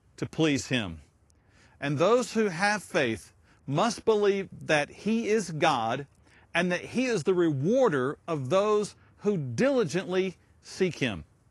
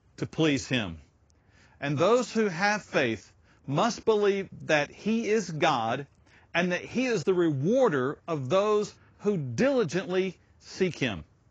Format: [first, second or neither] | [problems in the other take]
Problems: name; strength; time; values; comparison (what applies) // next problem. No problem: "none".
first | garbled, watery; badly; nothing above 7.5 kHz; slightly in the first